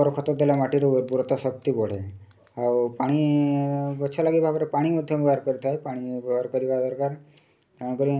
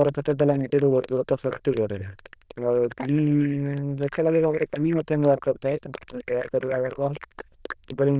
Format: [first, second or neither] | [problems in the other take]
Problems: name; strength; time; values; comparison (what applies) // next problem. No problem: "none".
first | noise reduction (neural diffusion model UNIVERSE++)